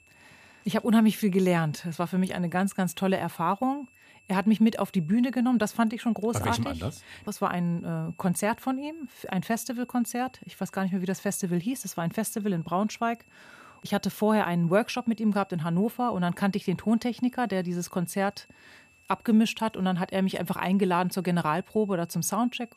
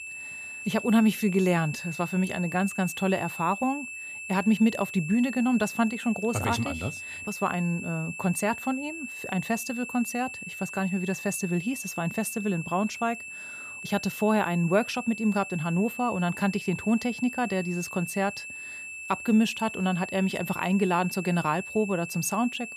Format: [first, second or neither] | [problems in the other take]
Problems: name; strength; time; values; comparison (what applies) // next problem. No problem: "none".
first | high-pitched whine; loud; throughout; 2.5 kHz, 9 dB below the speech; faint in the first